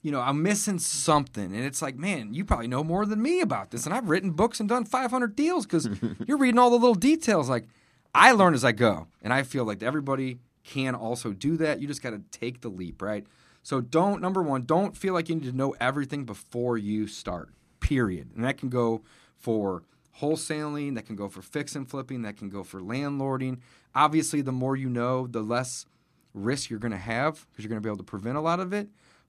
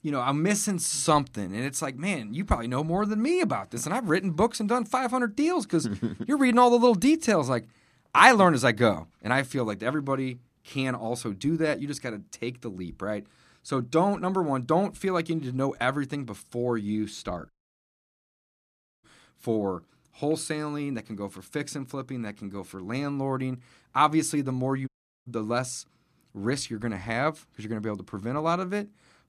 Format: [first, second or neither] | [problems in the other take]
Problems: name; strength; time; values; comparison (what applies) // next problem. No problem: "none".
first | audio cutting out; at 18 s for 1.5 s and at 25 s